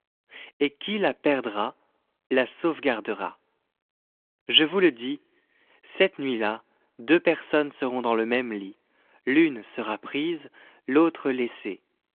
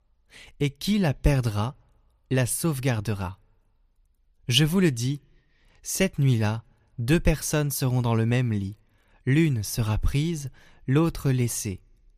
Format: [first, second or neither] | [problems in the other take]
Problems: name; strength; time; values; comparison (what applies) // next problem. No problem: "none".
second | phone-call audio